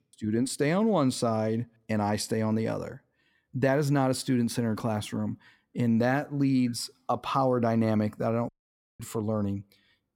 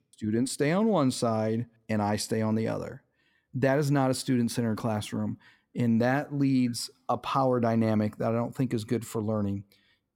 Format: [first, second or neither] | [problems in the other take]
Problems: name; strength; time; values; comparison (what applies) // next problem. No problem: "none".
second | audio cutting out; at 8.5 s for 0.5 s